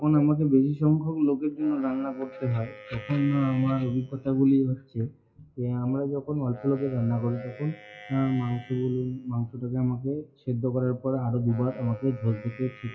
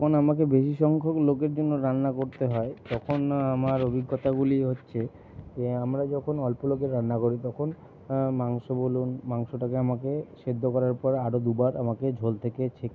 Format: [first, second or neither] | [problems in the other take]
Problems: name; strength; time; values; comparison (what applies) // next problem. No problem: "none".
second | noise reduction (classical method WPE with log-MMSE)